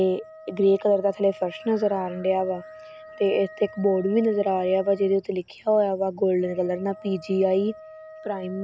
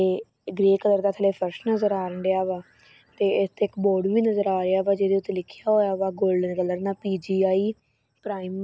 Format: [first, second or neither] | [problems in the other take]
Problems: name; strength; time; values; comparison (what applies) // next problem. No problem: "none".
second | background sound (Wind instrument, woodwind instrument); 20 dB below the speech